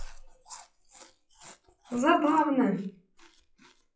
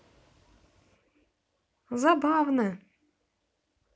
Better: second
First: noise reduction (classical method WPE with log-MMSE)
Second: none

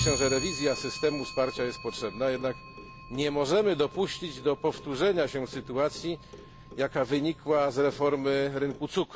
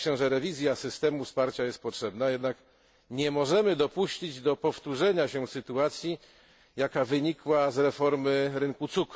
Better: second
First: background sound (Clock); 11 dB below the speech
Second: none

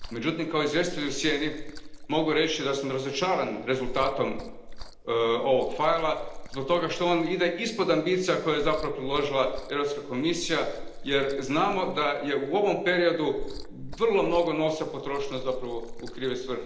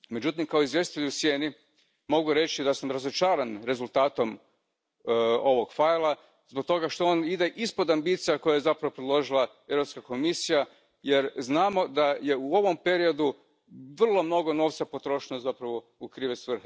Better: second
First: background sound (Liquid); 11 dB below the speech // room echo; dies away in 0.9 s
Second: none

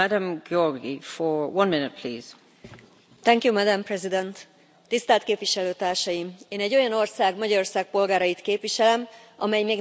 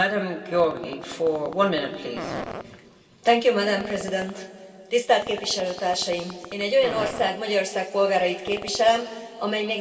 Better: first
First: none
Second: background sound (Fart); 16 dB below the speech // room echo; dies away in 2.5 s

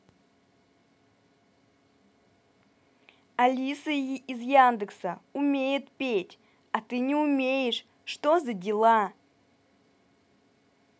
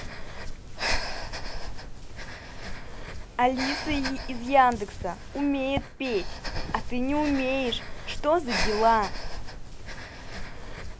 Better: first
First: none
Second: background sound (Breathing); 3 dB below the speech

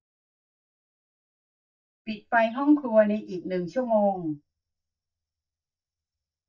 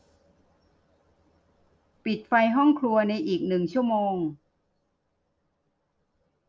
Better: second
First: noise reduction (neural mask model DeepFilterNet 3)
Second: none

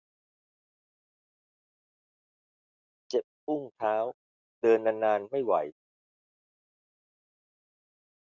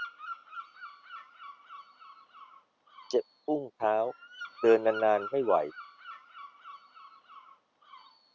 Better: first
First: none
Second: background sound (Bird vocalization, bird call, bird song); 14 dB below the speech

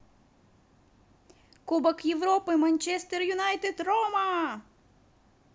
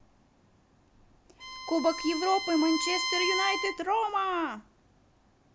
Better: first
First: none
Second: background sound (Bowed string instrument); 4 dB below the speech

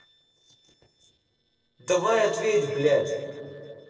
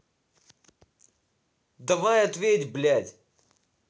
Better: second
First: noise reduction (neural separator model SepFormer DNS4)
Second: none

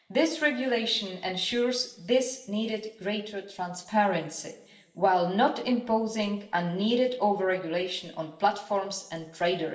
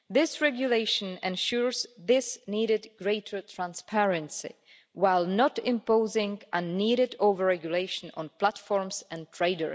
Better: second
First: room echo; dies away in 0.9 s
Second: none

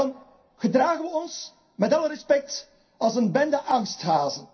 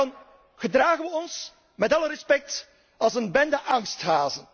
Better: second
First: room echo; dies away in 0.3 s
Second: none

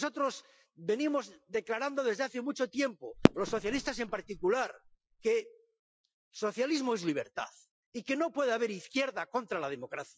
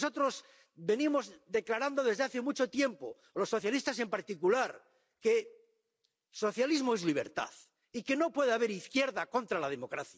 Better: second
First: noise reduction (classical method Wiener filter)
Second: none

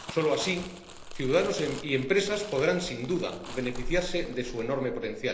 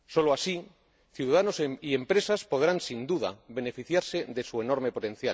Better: second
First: background sound (Crumpling, crinkling); 10 dB below the speech // room echo; dies away in 1 s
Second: none

